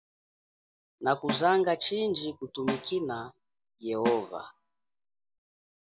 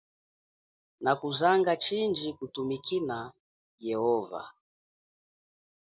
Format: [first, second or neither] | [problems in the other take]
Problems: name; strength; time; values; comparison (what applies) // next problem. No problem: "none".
second | background sound (Snare drum); 8 dB below the speech